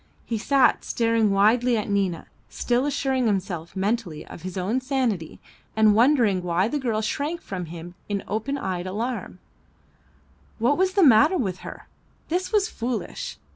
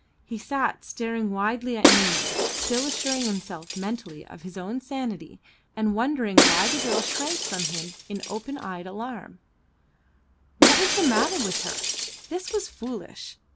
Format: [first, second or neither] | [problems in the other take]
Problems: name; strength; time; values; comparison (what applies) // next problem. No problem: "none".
first | background sound (Shatter); 4 dB above the speech